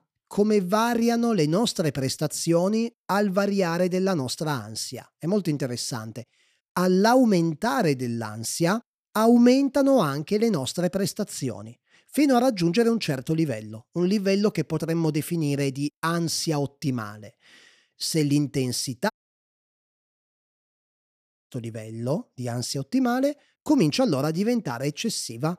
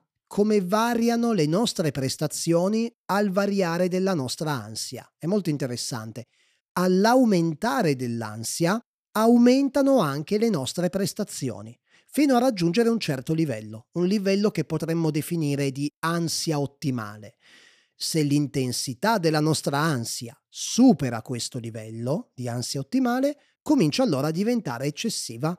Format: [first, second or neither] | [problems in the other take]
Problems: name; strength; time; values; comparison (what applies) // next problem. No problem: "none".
second | audio cutting out; at 19 s for 2.5 s